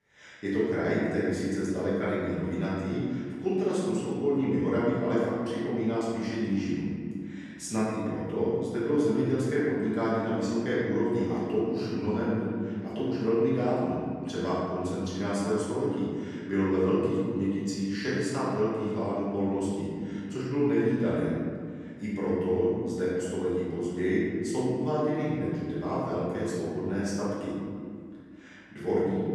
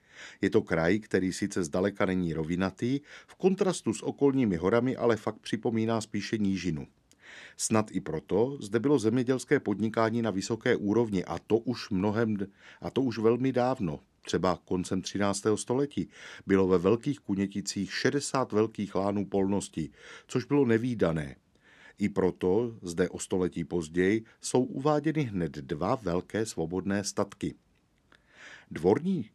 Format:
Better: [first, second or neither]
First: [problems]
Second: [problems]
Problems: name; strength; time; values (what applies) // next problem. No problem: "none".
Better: second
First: room echo; strong; dies away in 2.2 s // off-mic speech; far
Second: none